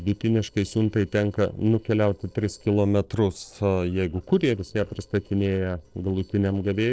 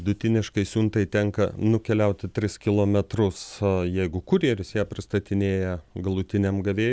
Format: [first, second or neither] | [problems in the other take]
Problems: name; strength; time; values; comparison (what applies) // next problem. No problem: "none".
second | noise reduction (neural separator model SepFormer DNS4)